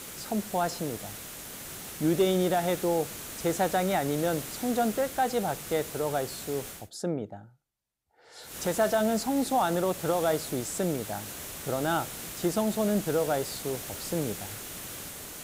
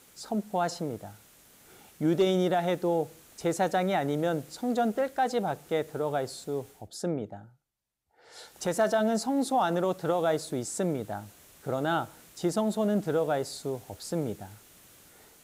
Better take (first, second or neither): second